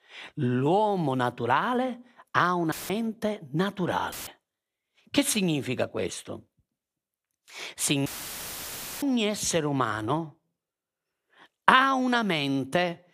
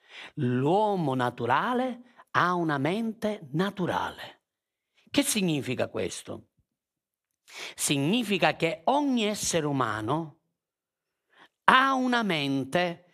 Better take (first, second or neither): second